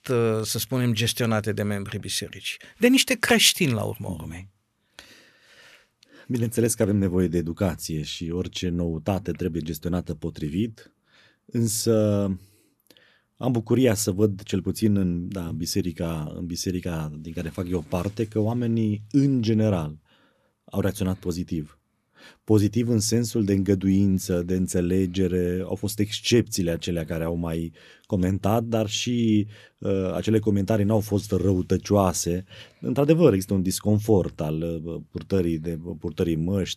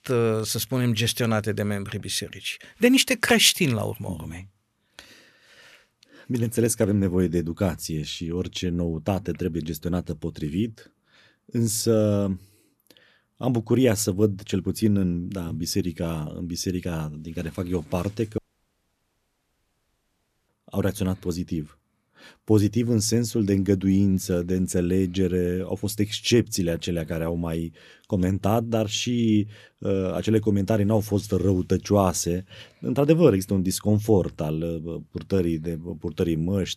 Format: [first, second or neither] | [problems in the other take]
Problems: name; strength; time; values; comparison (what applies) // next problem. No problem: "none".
first | audio cutting out; at 18 s for 2 s